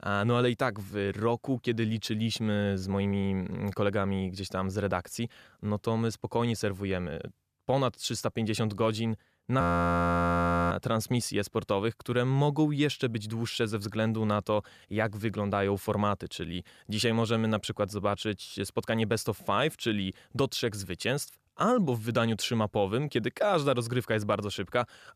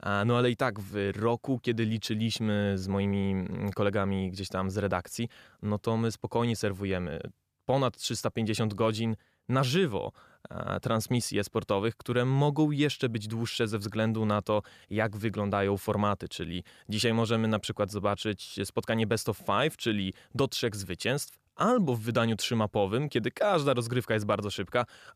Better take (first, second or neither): second